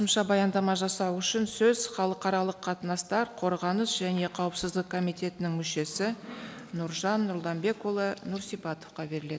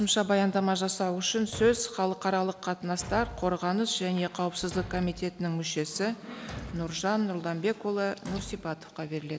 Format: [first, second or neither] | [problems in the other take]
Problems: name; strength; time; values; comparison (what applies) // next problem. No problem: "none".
first | background sound (Thump, thud); 17 dB below the speech